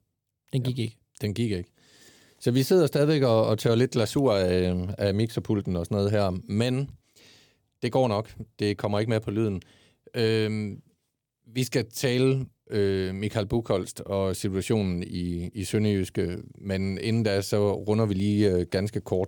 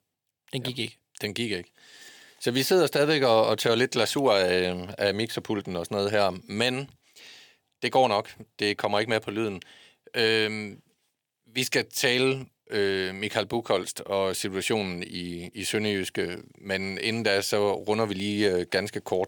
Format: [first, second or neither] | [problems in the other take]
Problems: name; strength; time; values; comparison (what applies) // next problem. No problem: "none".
first | thin; somewhat; fading below 1 kHz